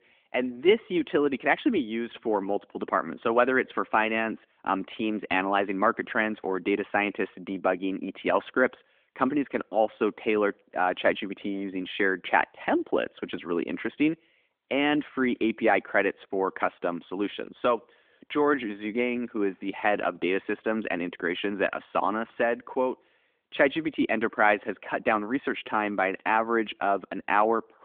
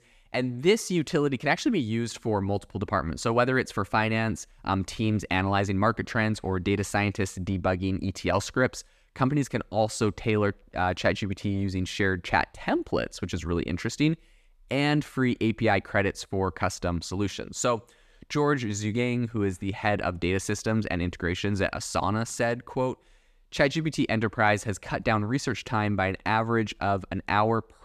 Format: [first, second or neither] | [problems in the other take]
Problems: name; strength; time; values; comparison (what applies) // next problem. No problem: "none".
second | phone-call audio; nothing above 3.5 kHz